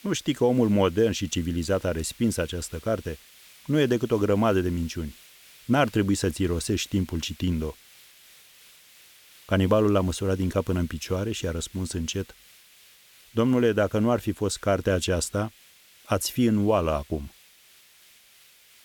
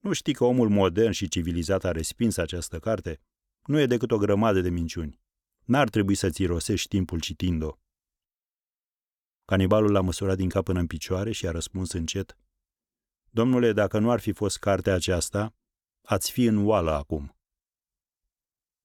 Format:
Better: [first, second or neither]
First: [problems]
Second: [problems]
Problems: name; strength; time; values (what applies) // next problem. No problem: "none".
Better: second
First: hiss; faint; throughout; 25 dB below the speech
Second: none